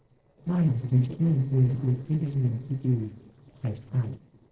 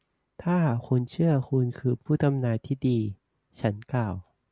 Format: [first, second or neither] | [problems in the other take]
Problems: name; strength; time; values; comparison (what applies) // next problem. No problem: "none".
second | noise reduction (neural separator model SepFormer DNS4)